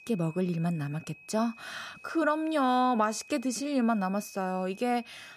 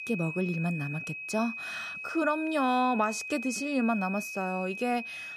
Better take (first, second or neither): first